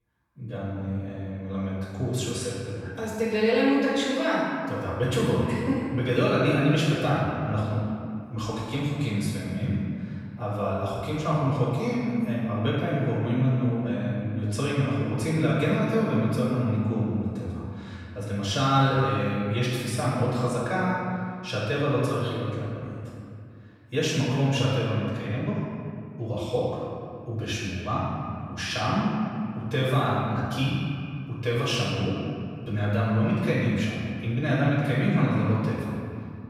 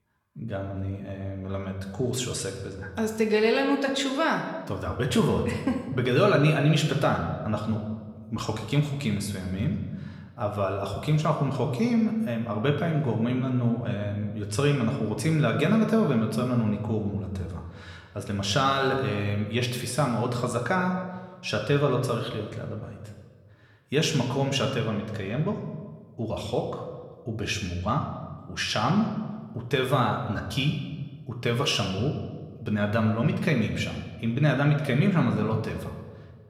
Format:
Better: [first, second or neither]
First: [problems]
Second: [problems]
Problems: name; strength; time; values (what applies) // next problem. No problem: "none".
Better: second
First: room echo; strong; dies away in 2.2 s // off-mic speech; far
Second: room echo; slight; dies away in 1.1 s